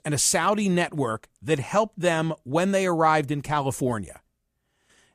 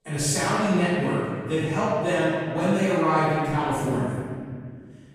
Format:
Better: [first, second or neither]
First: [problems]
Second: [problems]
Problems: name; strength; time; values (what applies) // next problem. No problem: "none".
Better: first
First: none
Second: room echo; strong; dies away in 2.1 s // off-mic speech; far